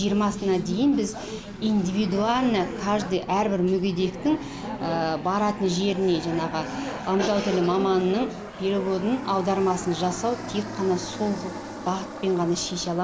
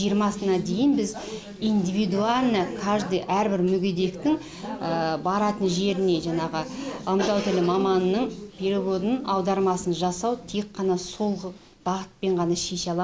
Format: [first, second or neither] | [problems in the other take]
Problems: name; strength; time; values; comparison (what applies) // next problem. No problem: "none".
second | background sound (Aircraft + Piano); 13 dB below the speech